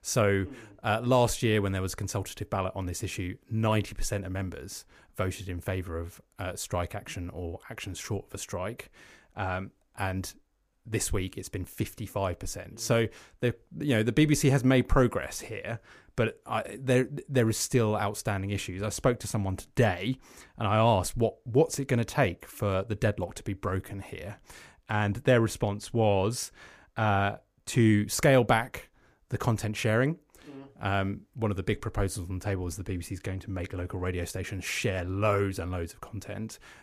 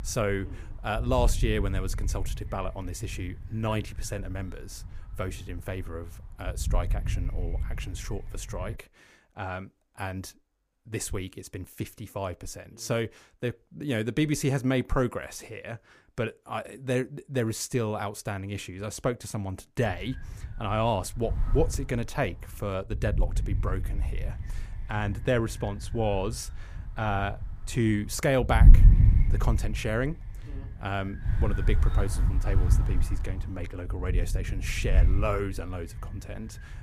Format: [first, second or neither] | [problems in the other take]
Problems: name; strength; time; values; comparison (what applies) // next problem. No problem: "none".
first | wind noise on the microphone; occasional gusts; until 9 s and from 20 s on; 15 dB below the speech